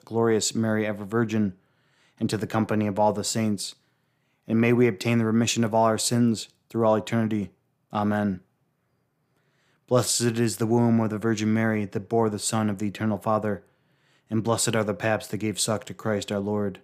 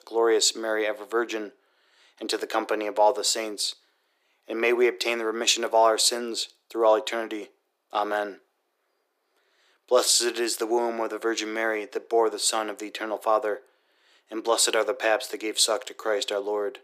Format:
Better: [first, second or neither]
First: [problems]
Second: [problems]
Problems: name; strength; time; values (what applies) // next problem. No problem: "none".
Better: first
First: none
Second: thin; very; fading below 350 Hz